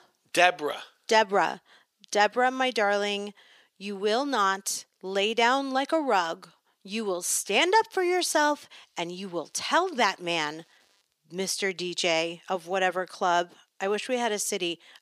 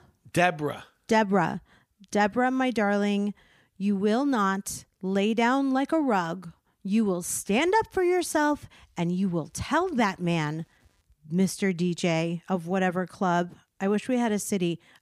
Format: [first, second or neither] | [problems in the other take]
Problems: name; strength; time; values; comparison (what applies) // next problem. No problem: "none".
second | thin; somewhat; fading below 500 Hz